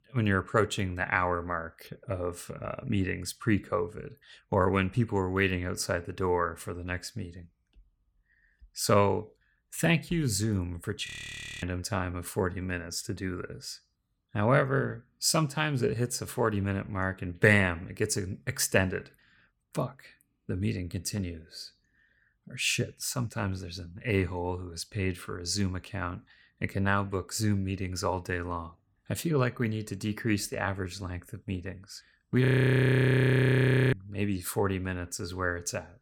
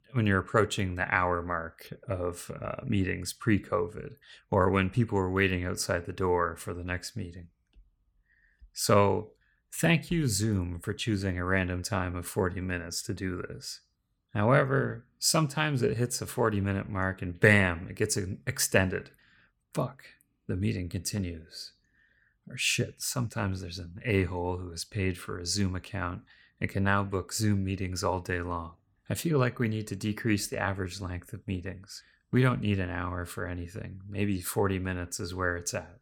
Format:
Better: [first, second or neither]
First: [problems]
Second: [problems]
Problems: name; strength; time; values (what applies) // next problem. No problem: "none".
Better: second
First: audio freezing; at 11 s for 0.5 s and at 32 s for 1.5 s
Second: none